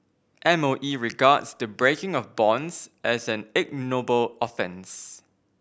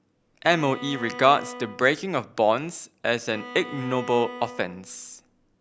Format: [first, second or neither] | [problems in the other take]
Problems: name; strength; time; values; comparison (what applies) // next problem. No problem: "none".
first | background sound (Bowed string instrument); 15 dB below the speech